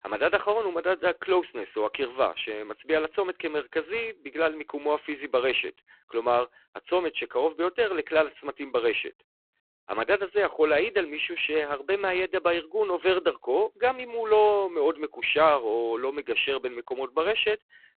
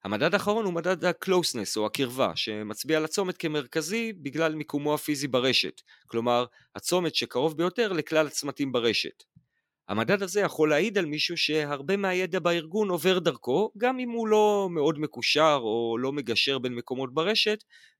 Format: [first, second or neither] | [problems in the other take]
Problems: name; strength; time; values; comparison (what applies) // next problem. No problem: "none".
second | phone-call audio; poor line